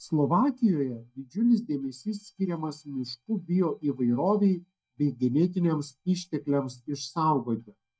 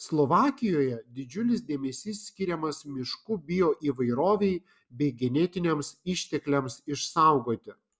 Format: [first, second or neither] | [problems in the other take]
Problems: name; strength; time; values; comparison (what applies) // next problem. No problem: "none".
second | noise reduction (neural mask model DeepFilterNet 3)